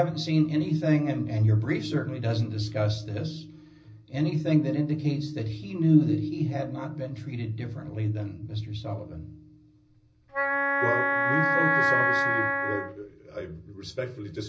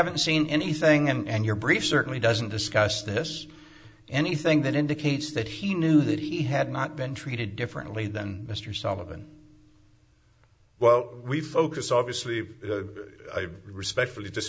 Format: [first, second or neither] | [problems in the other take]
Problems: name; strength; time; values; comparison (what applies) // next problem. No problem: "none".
second | background sound (Wind instrument, woodwind instrument); 3 dB above the speech // room echo; dies away in 0.4 s